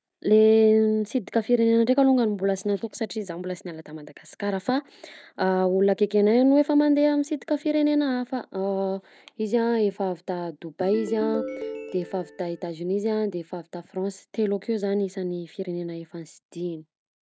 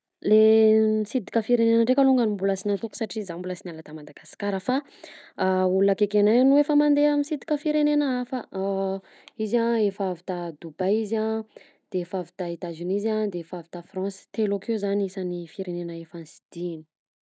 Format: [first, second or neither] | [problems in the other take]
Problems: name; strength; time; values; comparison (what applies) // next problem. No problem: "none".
second | background sound (Ringtone); 10 dB below the speech